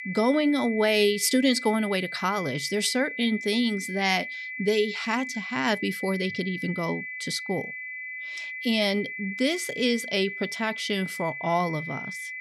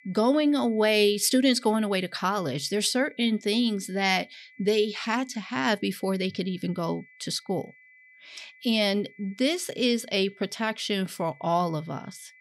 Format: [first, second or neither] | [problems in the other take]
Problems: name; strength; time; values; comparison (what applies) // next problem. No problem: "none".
second | high-pitched whine; loud; throughout; 2 kHz, 8 dB below the speech; faint in the second